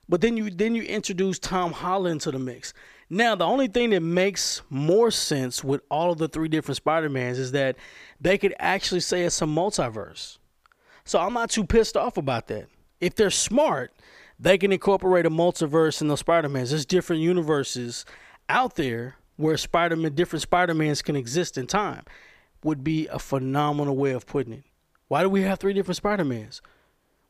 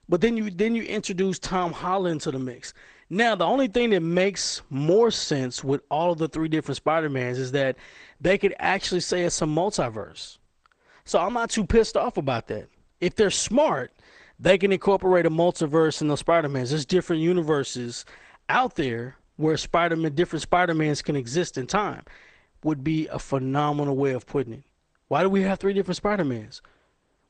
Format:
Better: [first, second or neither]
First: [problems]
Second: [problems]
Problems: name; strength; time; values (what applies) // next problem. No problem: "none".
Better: first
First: none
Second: garbled, watery; slightly; nothing above 8.5 kHz